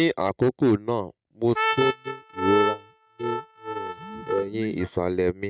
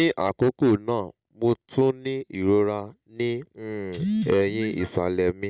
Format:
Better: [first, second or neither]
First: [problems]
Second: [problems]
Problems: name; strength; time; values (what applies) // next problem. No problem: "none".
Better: second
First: noise reduction (neural mask model RNNoise)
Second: none